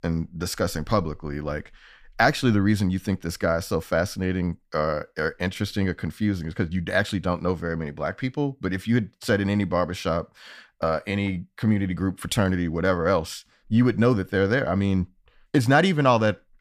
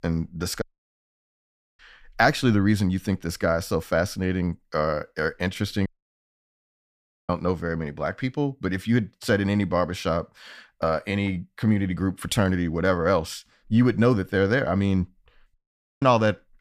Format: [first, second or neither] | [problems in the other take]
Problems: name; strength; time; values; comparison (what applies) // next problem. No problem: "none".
first | audio cutting out; at 0.5 s for 1 s, at 6 s for 1.5 s and at 16 s